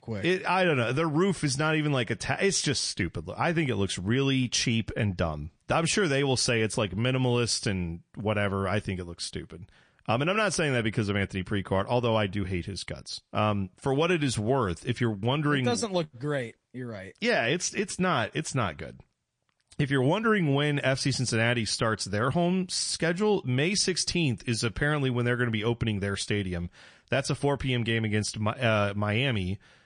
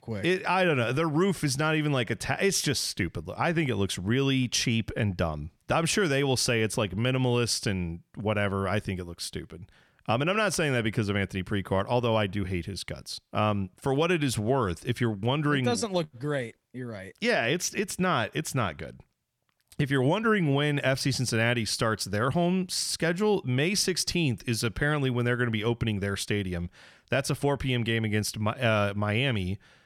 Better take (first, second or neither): second